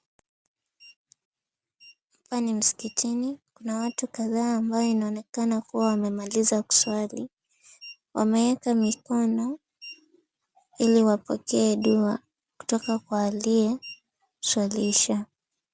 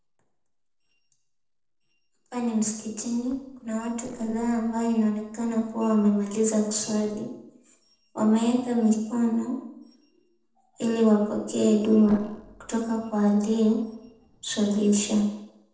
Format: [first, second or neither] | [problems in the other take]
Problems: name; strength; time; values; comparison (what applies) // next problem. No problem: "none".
first | noise reduction (neural separator model SepFormer DNS4)